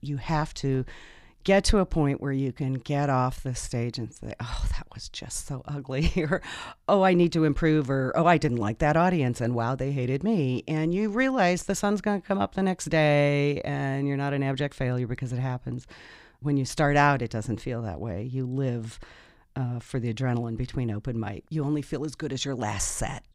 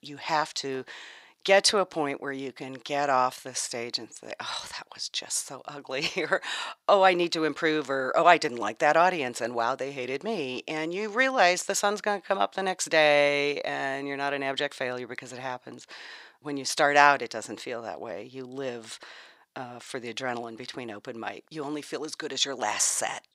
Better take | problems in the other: first | thin; very; fading below 550 Hz

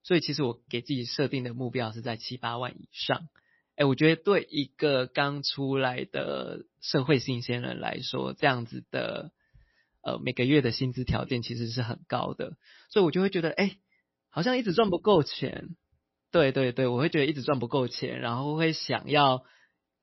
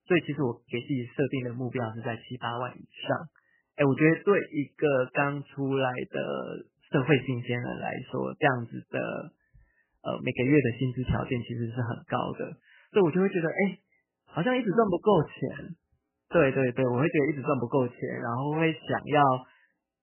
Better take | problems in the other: first | garbled, watery; badly; nothing above 3 kHz; slightly in the first

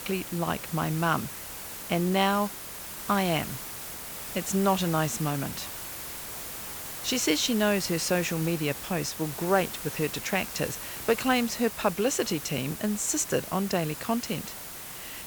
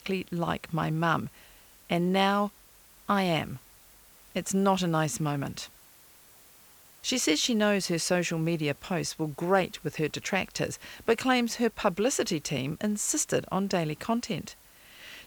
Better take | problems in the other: second | hiss; loud; throughout; 8 dB below the speech; faint in the second

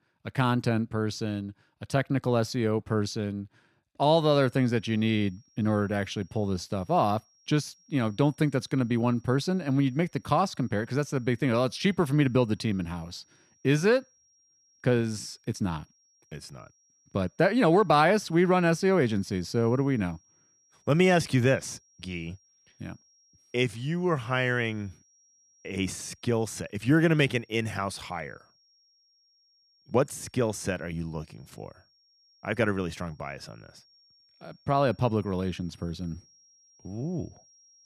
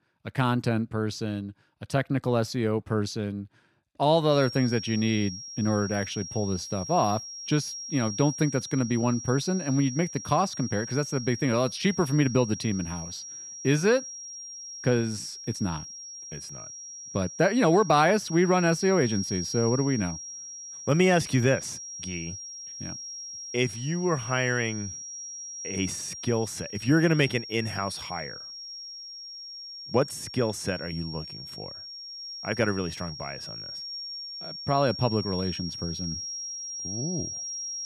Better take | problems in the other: first | high-pitched whine; loud; from 4.5 s on; 5.5 kHz, 9 dB below the speech; faint in the first

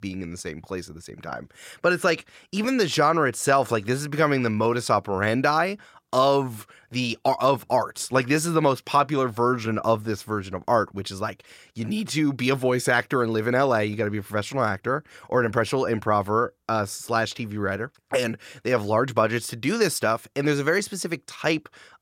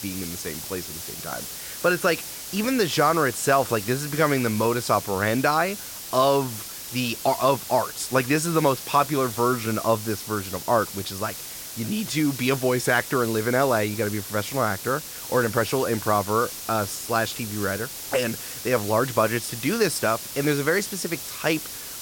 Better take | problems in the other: first | hiss; loud; throughout; 9 dB below the speech

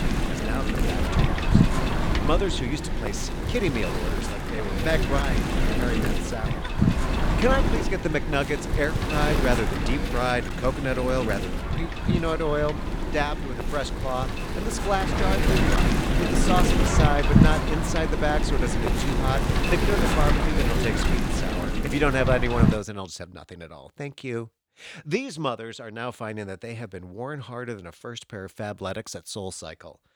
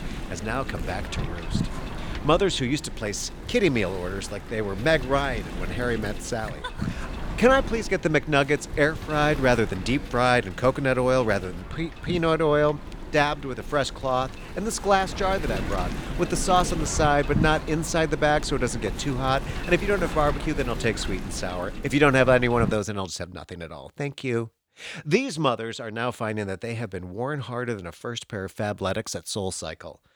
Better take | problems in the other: second | wind noise on the microphone; heavy; until 23 s; as loud as the speech; occasional gusts in the second

